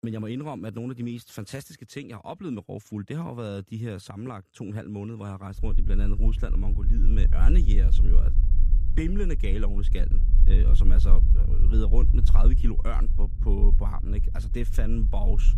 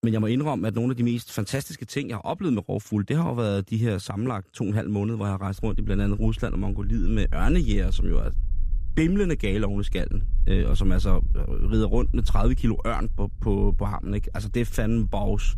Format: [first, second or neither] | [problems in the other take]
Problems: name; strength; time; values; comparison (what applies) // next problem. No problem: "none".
second | low rumble; loud; from 5.5 s on; 8 dB below the speech; faint in the second